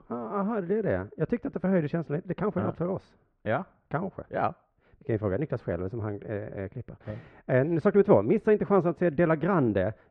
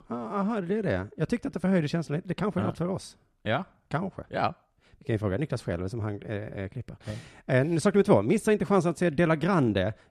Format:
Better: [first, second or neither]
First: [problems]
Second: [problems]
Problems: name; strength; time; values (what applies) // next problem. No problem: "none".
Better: second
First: muffled; very; fading above 1.5 kHz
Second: none